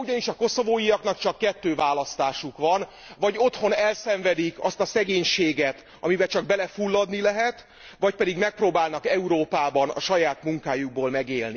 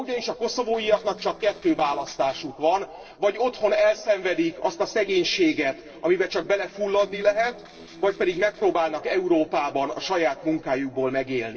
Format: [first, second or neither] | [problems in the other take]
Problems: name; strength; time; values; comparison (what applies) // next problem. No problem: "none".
first | noise reduction (neural separator model SepFormer DNS4)